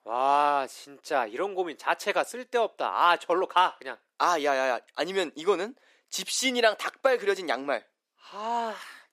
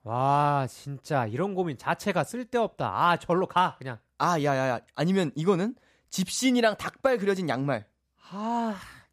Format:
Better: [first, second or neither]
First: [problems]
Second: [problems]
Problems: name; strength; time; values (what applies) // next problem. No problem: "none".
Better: second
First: thin; somewhat; fading below 350 Hz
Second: none